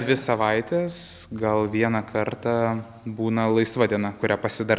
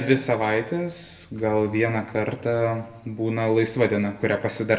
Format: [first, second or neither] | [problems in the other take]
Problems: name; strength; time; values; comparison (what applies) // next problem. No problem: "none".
first | room echo; dies away in 0.5 s